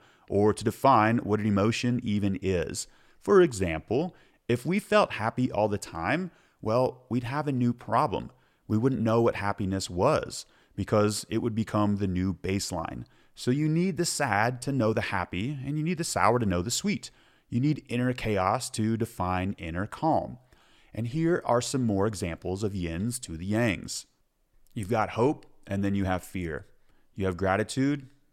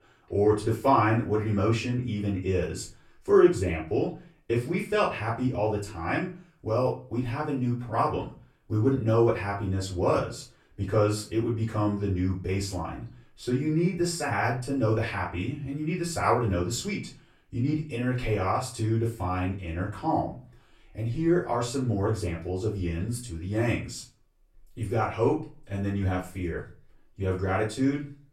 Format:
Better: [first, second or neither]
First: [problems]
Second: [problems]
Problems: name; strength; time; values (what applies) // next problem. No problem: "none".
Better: first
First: none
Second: off-mic speech; far // room echo; slight; dies away in 0.3 s